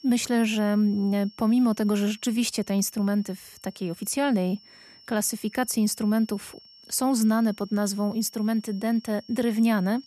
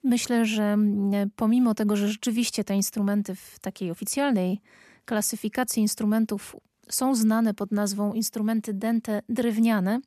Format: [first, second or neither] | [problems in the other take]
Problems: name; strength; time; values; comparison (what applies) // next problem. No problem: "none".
second | high-pitched whine; faint; throughout; 5.5 kHz, 25 dB below the speech